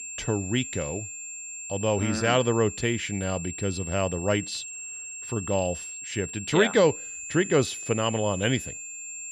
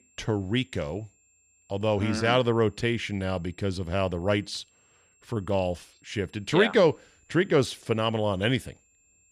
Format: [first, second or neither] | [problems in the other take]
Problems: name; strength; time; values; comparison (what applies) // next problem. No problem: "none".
second | high-pitched whine; loud; throughout; 7.5 kHz, 8 dB below the speech; faint in the second